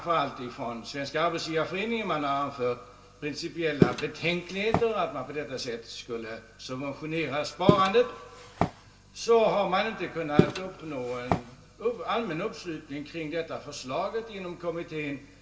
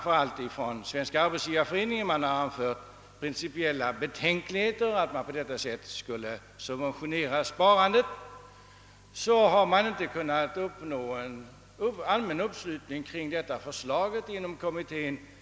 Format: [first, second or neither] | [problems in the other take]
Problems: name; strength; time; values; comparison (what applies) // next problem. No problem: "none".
second | background sound (Walk, footsteps); as loud as the speech // room echo; dies away in 0.2 s